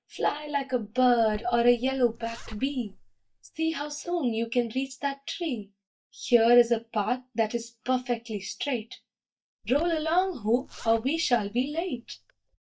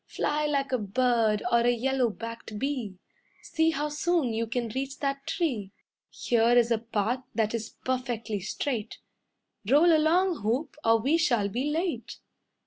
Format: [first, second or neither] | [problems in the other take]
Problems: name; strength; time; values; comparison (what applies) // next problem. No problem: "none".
second | noise reduction (neural mask model DeepFilterNet 3)